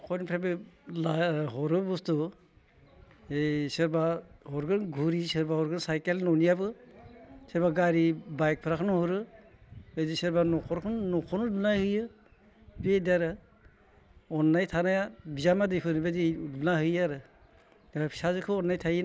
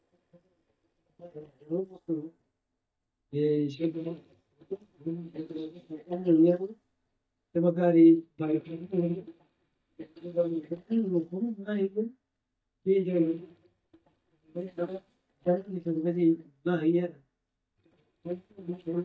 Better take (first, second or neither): first